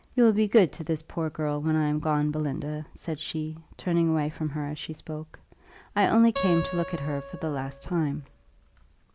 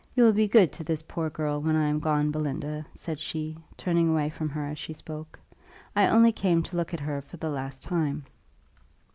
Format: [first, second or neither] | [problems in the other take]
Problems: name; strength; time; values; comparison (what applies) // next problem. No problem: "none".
second | background sound (Acoustic guitar); 11 dB below the speech